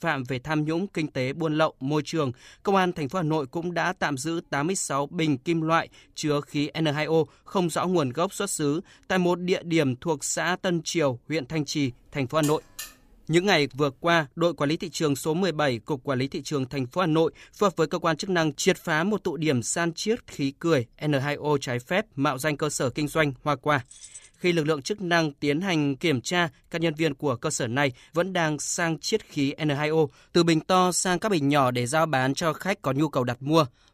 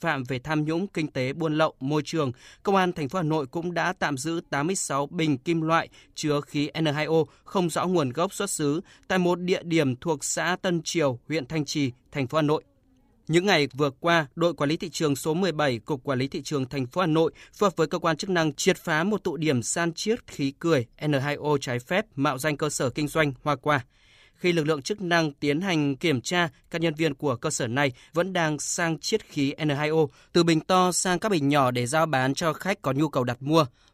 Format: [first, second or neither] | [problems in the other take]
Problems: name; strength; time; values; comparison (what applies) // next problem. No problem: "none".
second | alarm; faint; from 12 to 13 s; peak 10 dB below the speech // jangling keys; faint; at 24 s; peak 20 dB below the speech